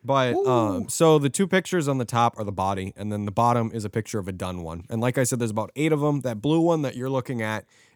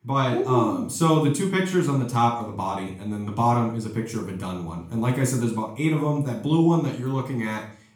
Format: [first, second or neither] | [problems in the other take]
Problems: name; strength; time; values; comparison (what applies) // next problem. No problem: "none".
first | off-mic speech; far // room echo; slight; dies away in 0.4 s